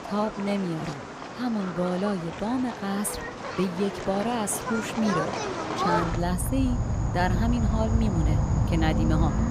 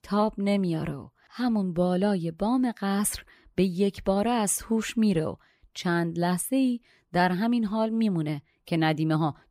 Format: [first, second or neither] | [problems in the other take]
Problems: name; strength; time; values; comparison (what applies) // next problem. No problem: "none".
second | animal sounds; loud; throughout; 1 dB below the speech